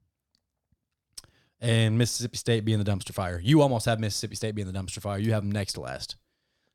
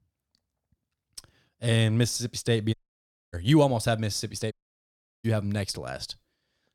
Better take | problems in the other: first | audio cutting out; at 2.5 s for 0.5 s and at 4.5 s for 0.5 s

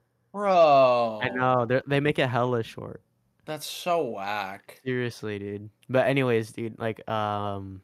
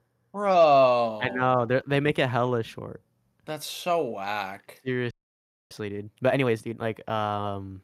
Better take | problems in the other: first | audio freezing; at 5 s for 0.5 s

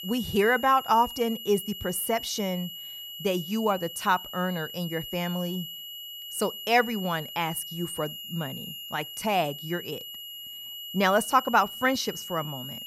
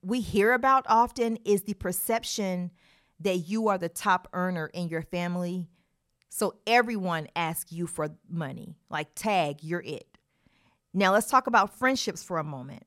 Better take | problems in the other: second | high-pitched whine; loud; throughout; 3 kHz, 10 dB below the speech

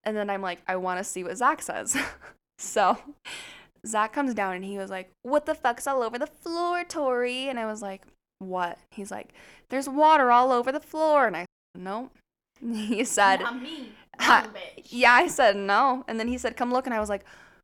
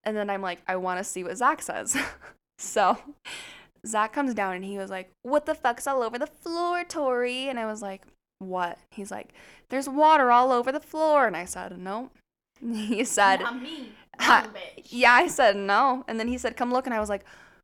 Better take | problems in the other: second | audio cutting out; at 11 s

